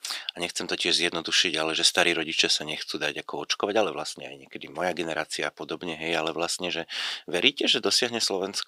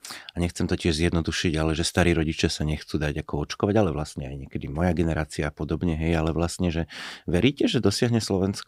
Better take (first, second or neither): second